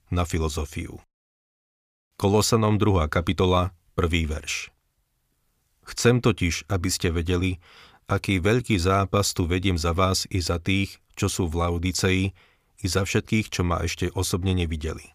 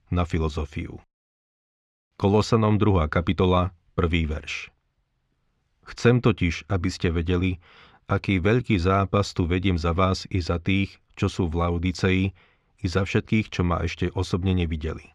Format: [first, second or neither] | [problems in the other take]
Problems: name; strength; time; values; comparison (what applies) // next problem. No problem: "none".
first | muffled; slightly; fading above 3.5 kHz